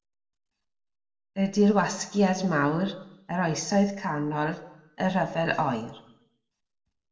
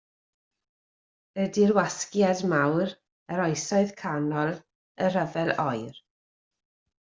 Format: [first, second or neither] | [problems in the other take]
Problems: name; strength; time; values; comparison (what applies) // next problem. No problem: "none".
second | room echo; dies away in 0.8 s